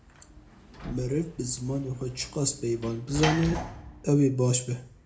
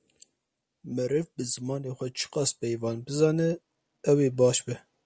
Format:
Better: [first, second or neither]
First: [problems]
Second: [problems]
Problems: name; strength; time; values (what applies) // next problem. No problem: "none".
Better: second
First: background sound (Sliding door / Slam); 10 dB below the speech // room echo; dies away in 0.4 s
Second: none